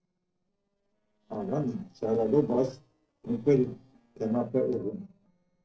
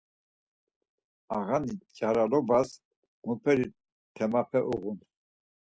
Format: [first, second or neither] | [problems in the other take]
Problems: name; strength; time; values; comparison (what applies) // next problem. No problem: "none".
second | noise reduction (neural separator model SepFormer DNS4)